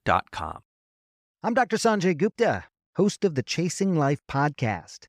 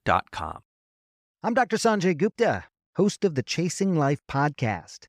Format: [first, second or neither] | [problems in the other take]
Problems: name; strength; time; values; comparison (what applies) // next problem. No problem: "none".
neither | none